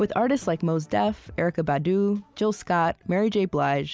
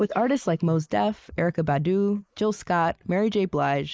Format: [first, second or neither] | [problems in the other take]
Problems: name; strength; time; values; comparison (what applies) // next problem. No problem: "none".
first | noise reduction (neural mask model Resemble Enhance denoiser)